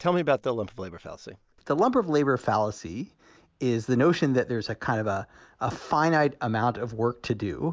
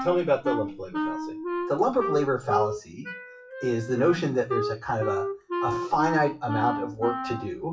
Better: first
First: none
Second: noise reduction (classical method WPE with log-MMSE)

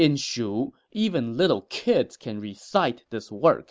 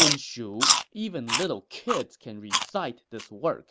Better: first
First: none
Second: background sound (Chewing, mastication); 4 dB above the speech

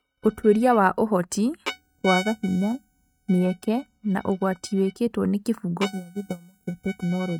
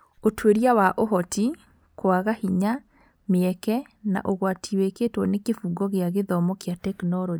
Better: second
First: noise reduction (neural mask model RNNoise)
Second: none

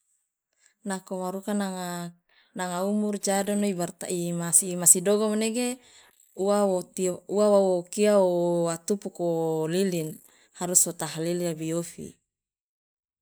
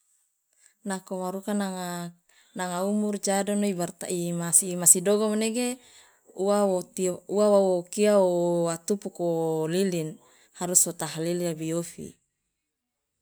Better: second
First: noise reduction (neural mask model Resemble Enhance denoiser)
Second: none

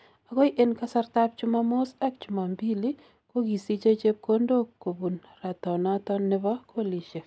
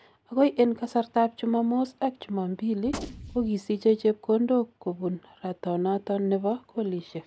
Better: first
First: none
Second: background sound (Gunshot, gunfire); 11 dB below the speech

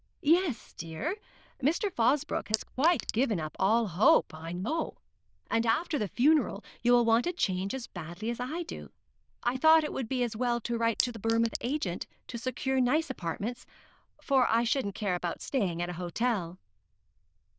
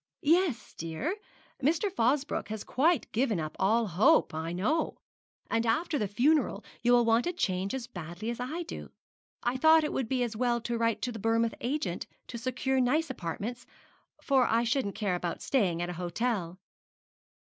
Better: second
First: noise reduction (neural diffusion model UNIVERSE++)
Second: none

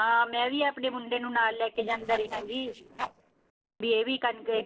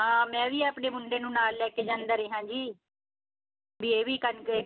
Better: second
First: noise reduction (neural separator model SepFormer DNS4)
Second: none

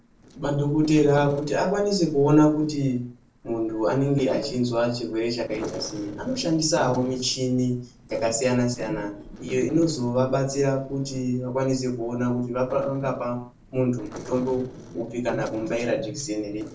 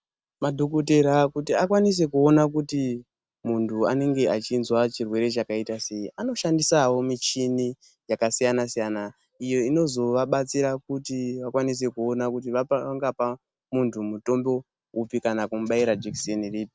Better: second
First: noise reduction (neural separator model SepFormer DNS4)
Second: none

